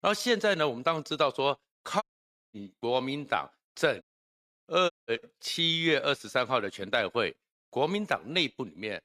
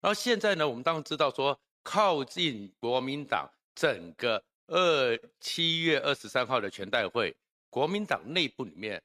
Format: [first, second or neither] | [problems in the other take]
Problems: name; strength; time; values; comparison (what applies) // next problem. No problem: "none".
second | audio cutting out; at 2 s for 0.5 s, at 4 s for 0.5 s and at 5 s